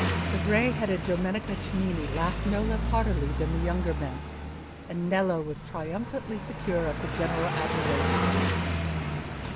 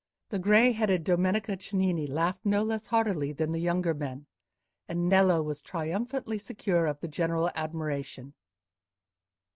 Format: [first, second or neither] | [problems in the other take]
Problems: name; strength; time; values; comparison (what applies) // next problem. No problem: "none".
second | background sound (Car passing by); 1 dB above the speech